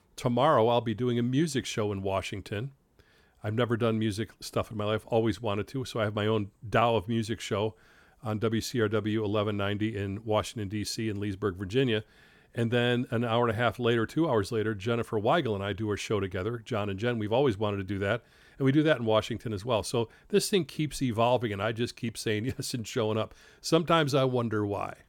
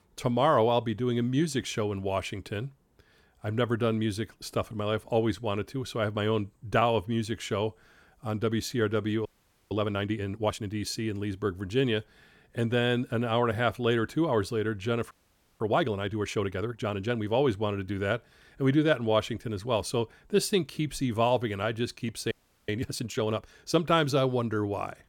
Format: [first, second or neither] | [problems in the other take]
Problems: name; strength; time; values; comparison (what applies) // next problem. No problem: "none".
first | audio freezing; at 9.5 s, at 15 s and at 22 s